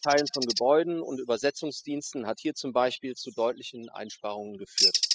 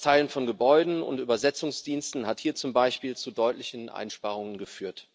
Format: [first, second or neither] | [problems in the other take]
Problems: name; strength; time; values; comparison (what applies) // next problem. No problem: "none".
second | noise reduction (classical method spectral subtraction)